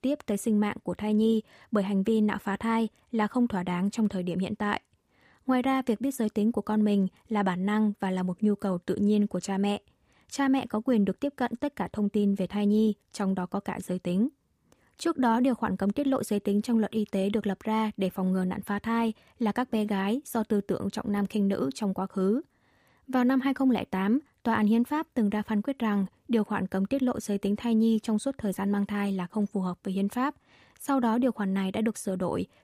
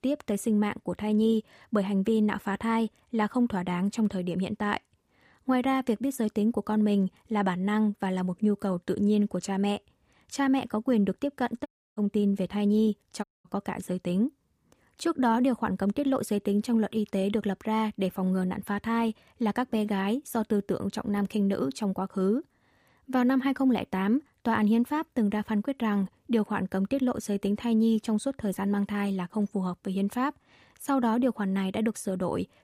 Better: first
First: none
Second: audio cutting out; at 12 s and at 13 s

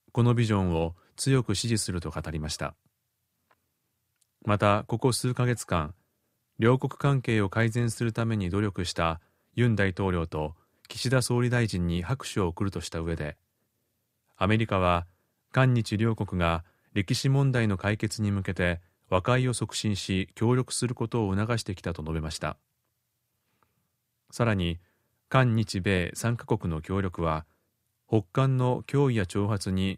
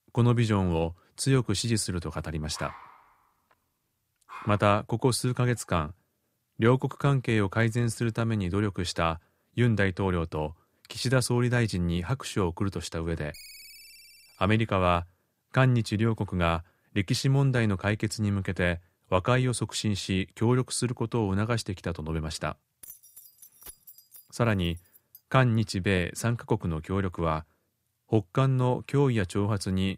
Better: first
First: none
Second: dog barking; faint; from 2.5 to 4.5 s; peak 15 dB below the speech // phone ringing; faint; from 13 to 14 s; peak 15 dB below the speech // jangling keys; faint; from 23 to 25 s; peak 20 dB below the speech

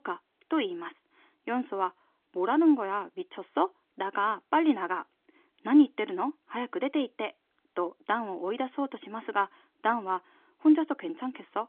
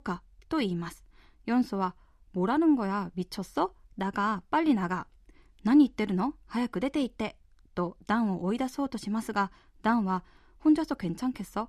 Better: second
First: phone-call audio; nothing above 3.5 kHz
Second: none

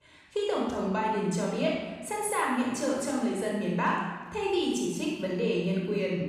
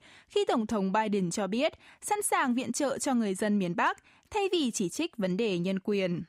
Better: second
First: off-mic speech; far // room echo; strong; dies away in 1.2 s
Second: none

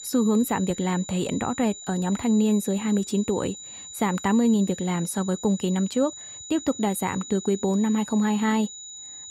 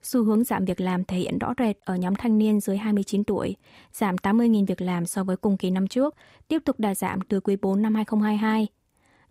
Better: second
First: high-pitched whine; noticeable; throughout; 7 kHz, 15 dB below the speech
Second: none

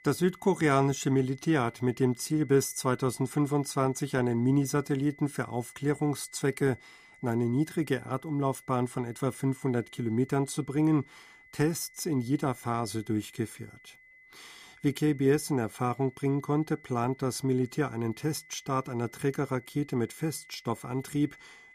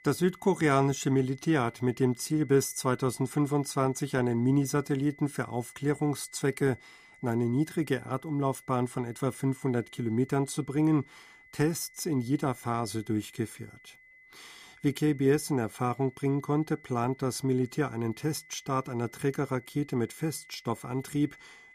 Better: neither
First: high-pitched whine; faint; throughout; 2 kHz, 25 dB below the speech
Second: high-pitched whine; faint; throughout; 2 kHz, 25 dB below the speech

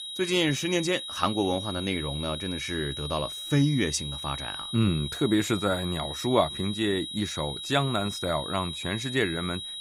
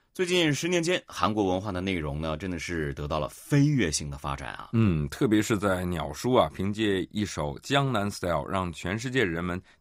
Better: second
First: high-pitched whine; loud; throughout; 4 kHz, 6 dB below the speech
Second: none

